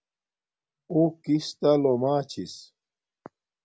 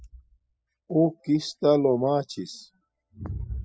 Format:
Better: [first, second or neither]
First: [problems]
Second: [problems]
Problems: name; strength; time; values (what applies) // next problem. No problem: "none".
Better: first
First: none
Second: noise reduction (classical method spectral subtraction)